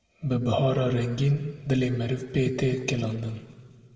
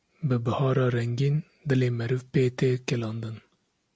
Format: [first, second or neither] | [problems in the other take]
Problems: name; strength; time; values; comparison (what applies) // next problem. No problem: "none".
second | room echo; dies away in 1.6 s